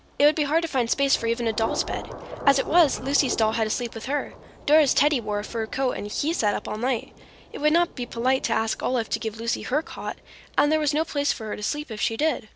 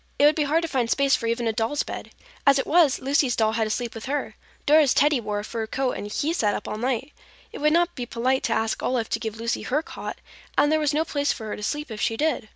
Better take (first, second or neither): second